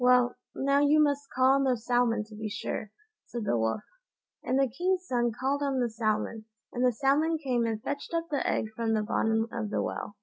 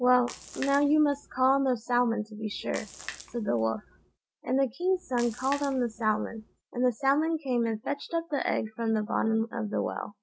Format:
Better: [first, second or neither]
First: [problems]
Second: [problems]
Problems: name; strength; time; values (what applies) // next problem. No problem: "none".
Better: first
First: none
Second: background sound (Splash, splatter); 18 dB below the speech